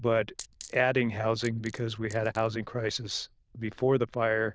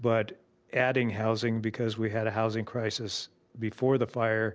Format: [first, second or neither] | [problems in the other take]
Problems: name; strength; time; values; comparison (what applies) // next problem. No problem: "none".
second | noise reduction (neural diffusion model UNIVERSE++)